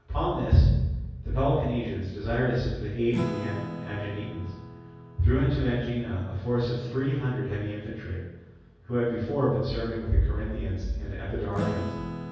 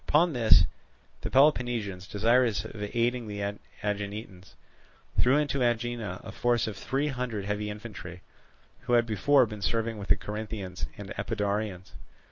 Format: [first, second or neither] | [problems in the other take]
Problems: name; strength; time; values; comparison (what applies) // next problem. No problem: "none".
second | background sound (Acoustic guitar / Strum); 13 dB below the speech // room echo; dies away in 1.3 s